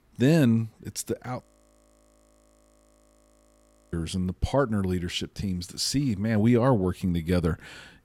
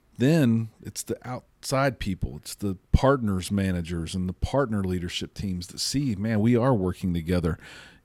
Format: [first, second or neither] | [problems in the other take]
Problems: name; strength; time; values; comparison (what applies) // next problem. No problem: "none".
second | audio freezing; at 1.5 s for 2.5 s